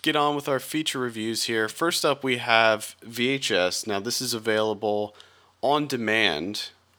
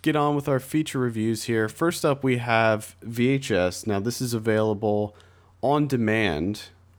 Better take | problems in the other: second | thin; very slightly; fading below 600 Hz

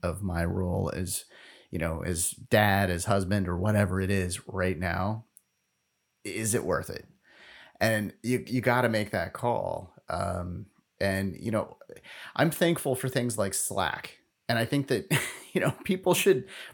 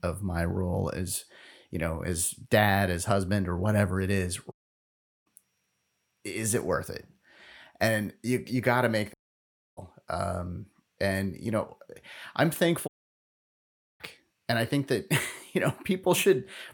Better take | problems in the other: first | audio cutting out; at 4.5 s for 0.5 s, at 9 s for 0.5 s and at 13 s for 1 s

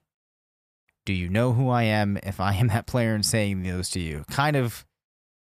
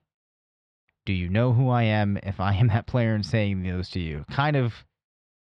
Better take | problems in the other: first | muffled; slightly; fading above 4 kHz

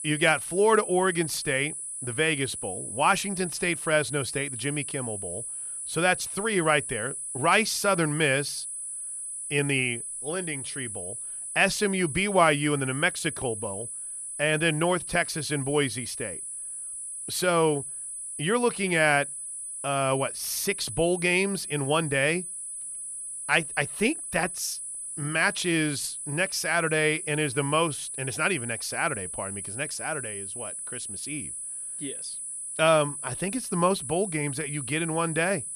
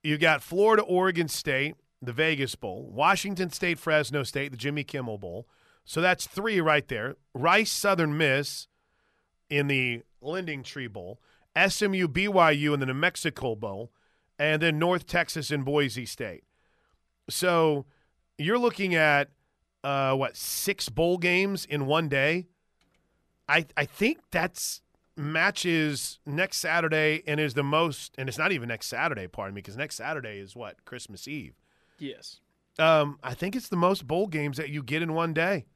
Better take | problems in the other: second | high-pitched whine; loud; throughout; 10 kHz, 7 dB below the speech

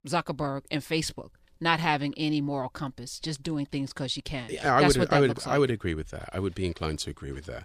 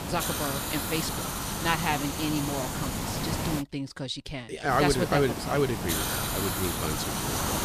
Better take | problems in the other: first | hiss; loud; until 3.5 s and from 4.5 s on; 1 dB below the speech

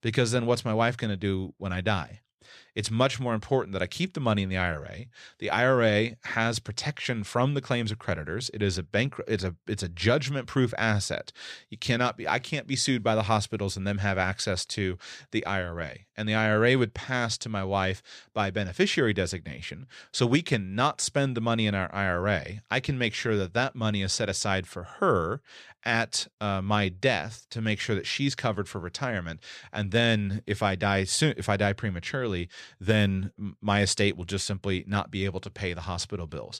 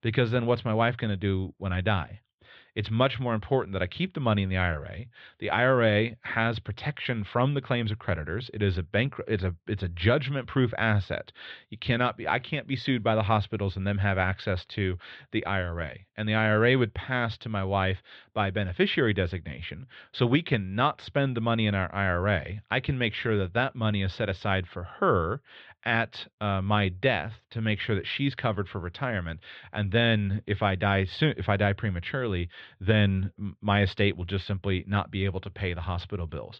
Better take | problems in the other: first | muffled; very; fading above 3.5 kHz

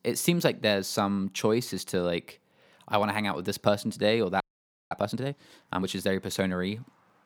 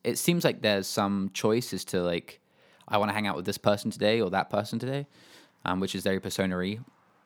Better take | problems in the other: second | audio freezing; at 4.5 s for 0.5 s

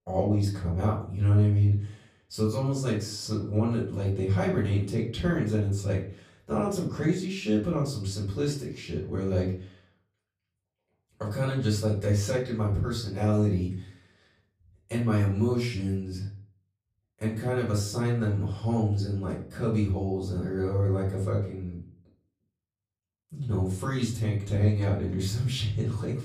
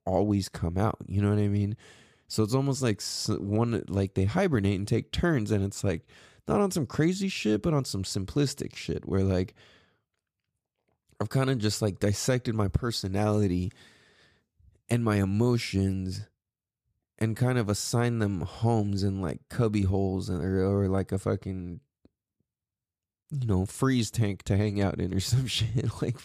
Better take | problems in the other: second | off-mic speech; far // room echo; slight; dies away in 0.4 s

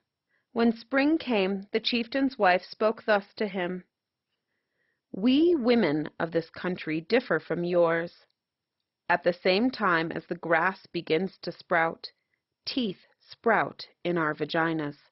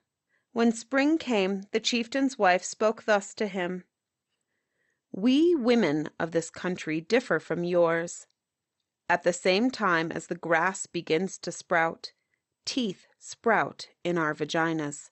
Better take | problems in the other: second | garbled, watery; badly; nothing above 5.5 kHz; slightly in the second

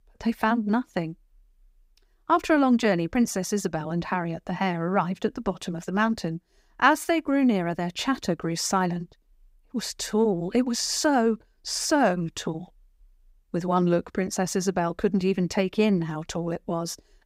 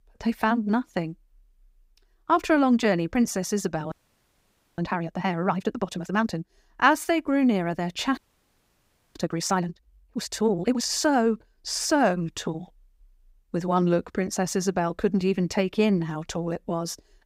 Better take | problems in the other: first | audio freezing; at 4 s for 1 s and at 8 s for 1 s

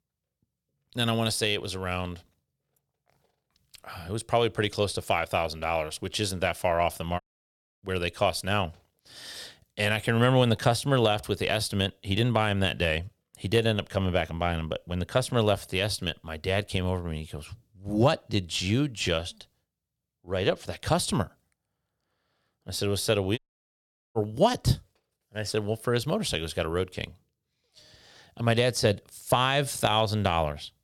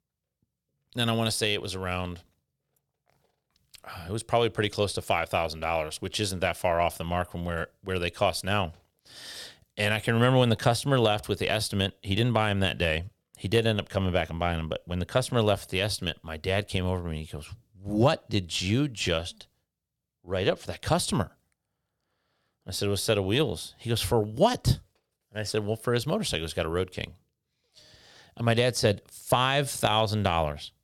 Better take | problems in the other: second | audio cutting out; at 7 s for 0.5 s and at 23 s for 1 s

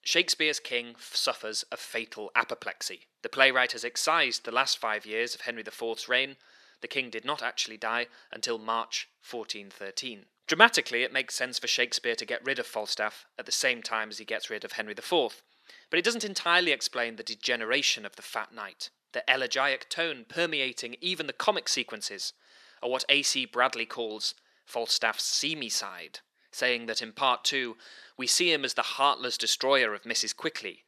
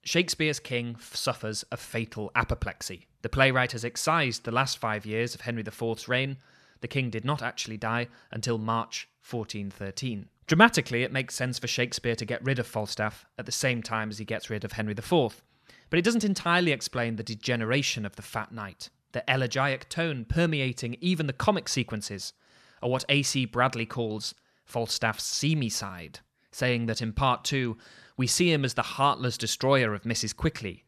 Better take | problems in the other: second | thin; somewhat; fading below 350 Hz

